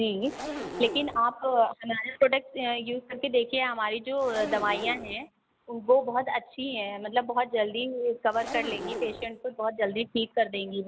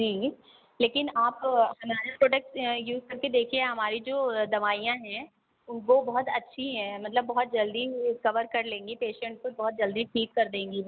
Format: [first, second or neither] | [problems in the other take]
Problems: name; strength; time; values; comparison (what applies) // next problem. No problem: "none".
second | background sound (Zipper (clothing)); 9 dB below the speech